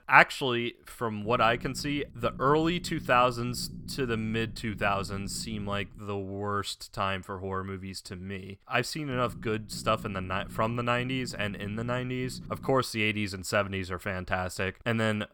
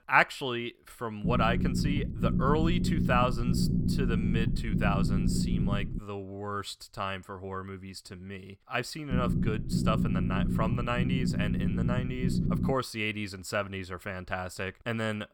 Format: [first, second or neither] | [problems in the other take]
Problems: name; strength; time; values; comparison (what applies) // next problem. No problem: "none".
first | low rumble; loud; from 1 to 6 s and from 9 to 13 s; 6 dB below the speech; faint in the first